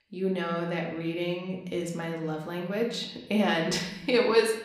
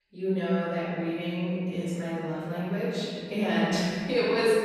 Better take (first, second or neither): first